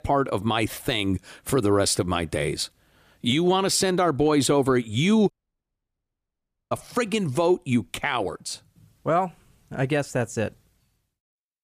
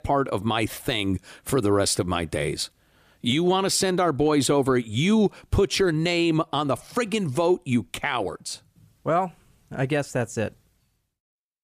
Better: second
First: audio cutting out; at 5.5 s for 1.5 s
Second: none

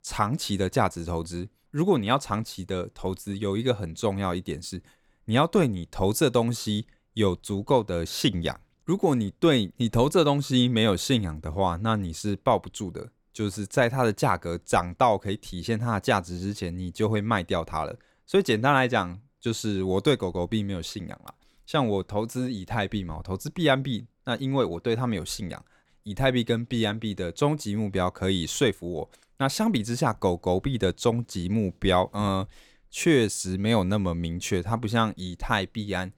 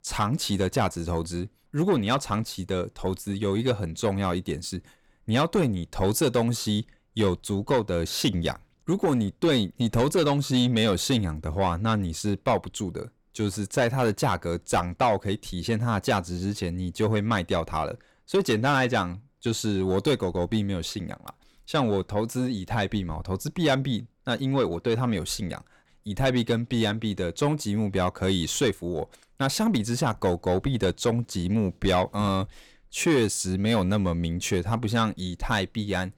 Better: first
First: none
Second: distortion; slight; 10 dB below the speech

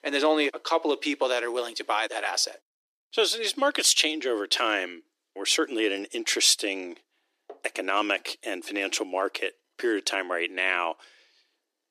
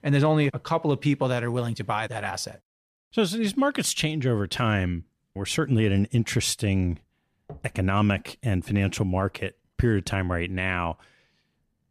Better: second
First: thin; very; fading below 300 Hz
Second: none

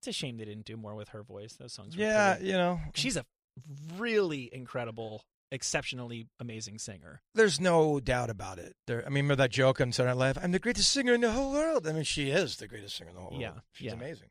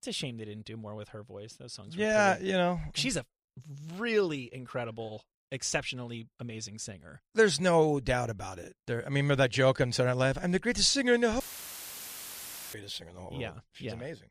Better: first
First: none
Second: audio cutting out; filled with static; at 11 s for 1.5 s

